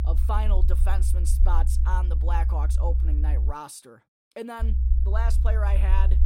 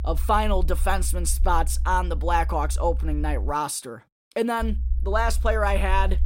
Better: second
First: low rumble; loud; until 3.5 s and from 4.5 s on; 9 dB below the speech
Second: low rumble; faint; until 3.5 s and from 4.5 s on; 25 dB below the speech

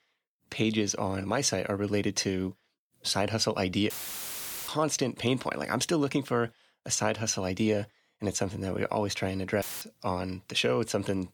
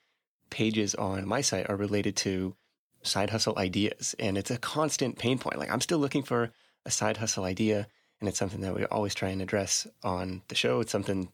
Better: second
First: audio cutting out; filled with static; at 4 s for 1 s and at 9.5 s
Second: none

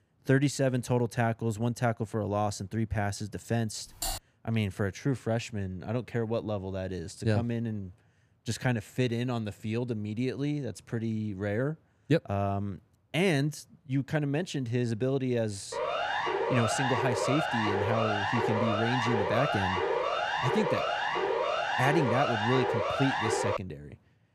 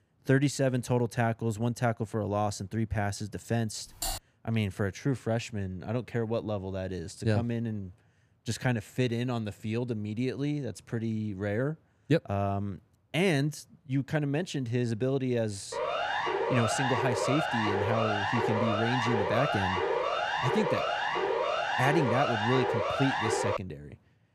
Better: neither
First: keyboard typing; noticeable; at 4 s; peak 3 dB below the speech // siren; loud; from 16 to 24 s; peak 2 dB above the speech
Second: keyboard typing; noticeable; at 4 s; peak 3 dB below the speech // siren; loud; from 16 to 24 s; peak 2 dB above the speech

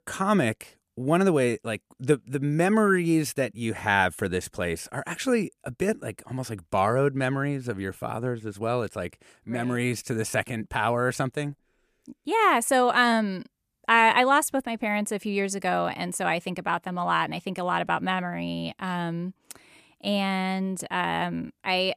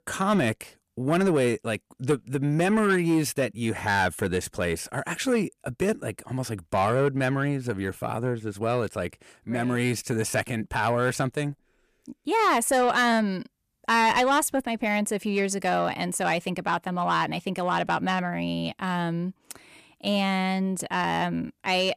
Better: first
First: none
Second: distortion; slight; 10 dB below the speech

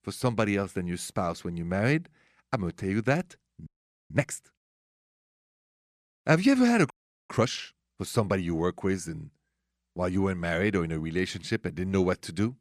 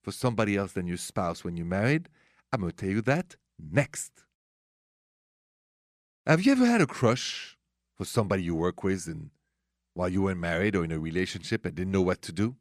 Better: second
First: audio freezing; at 3.5 s and at 7 s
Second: none

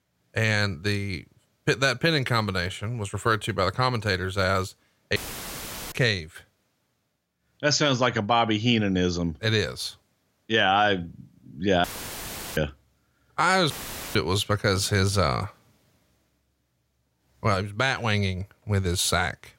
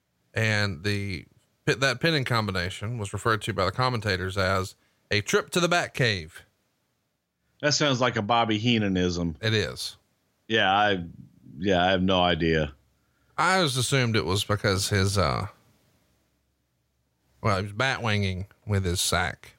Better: second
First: audio cutting out; filled with static; at 5 s for 1 s, at 12 s for 0.5 s and at 14 s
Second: none

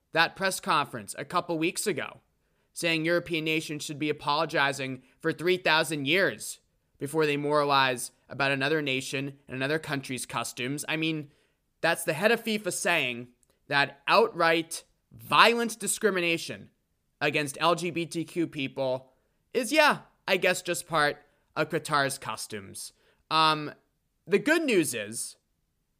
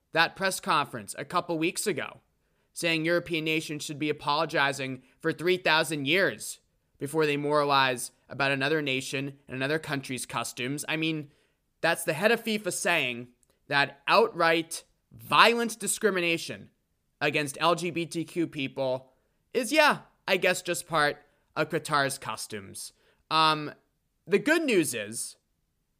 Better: neither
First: none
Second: none

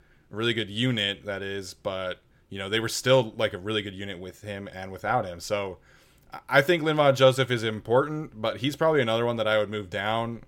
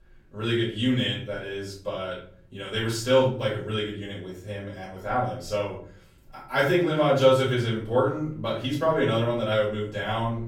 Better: first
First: none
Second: off-mic speech; far // room echo; noticeable; dies away in 0.6 s

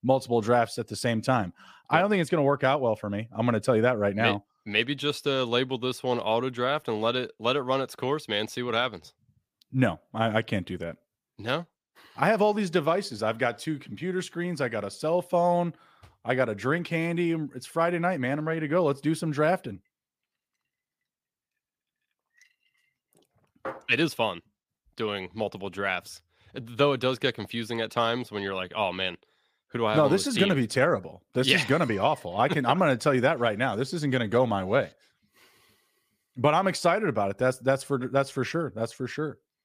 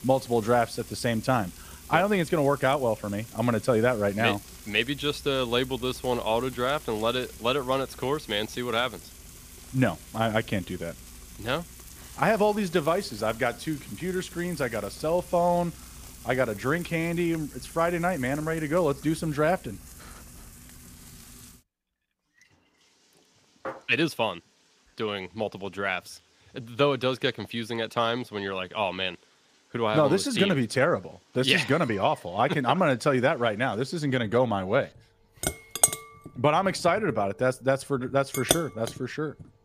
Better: first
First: none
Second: household noises; noticeable; throughout; 10 dB below the speech

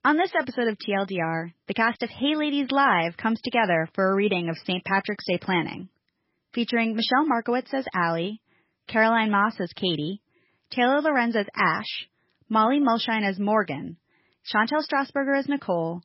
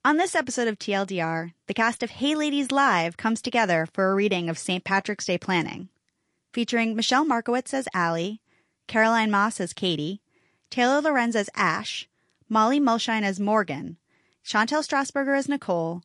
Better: second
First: garbled, watery; badly; nothing above 5.5 kHz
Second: garbled, watery; slightly

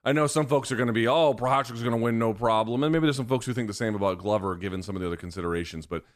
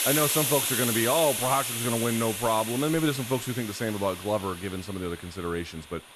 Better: first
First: none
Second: hiss; loud; throughout; 1 dB below the speech

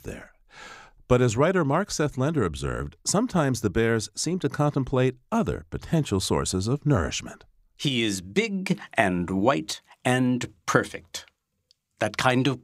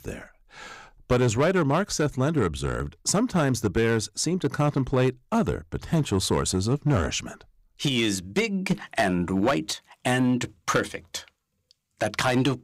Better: first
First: none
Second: distortion; slight; 4% of the sound clipped

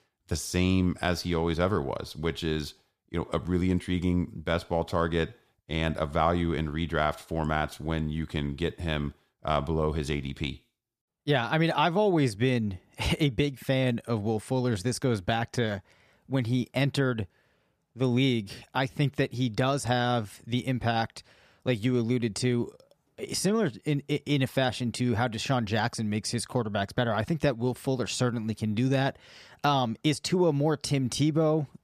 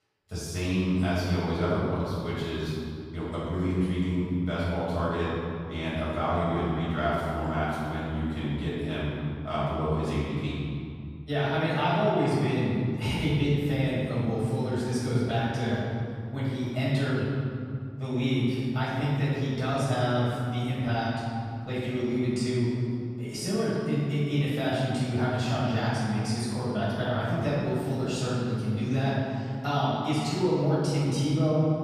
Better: first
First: none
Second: off-mic speech; far // room echo; strong; dies away in 2.5 s

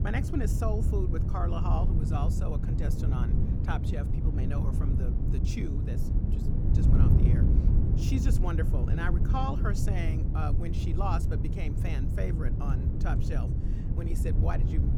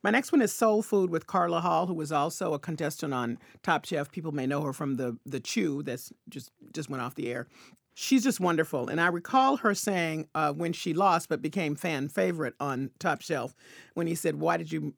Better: second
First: wind noise on the microphone; heavy; 2 dB below the speech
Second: none

